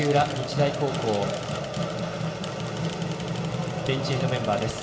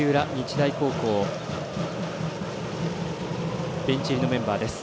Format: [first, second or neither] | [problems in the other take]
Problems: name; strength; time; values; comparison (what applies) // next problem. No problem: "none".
second | background sound (Mechanisms / Bicycle); 16 dB below the speech // room echo; dies away in 1.7 s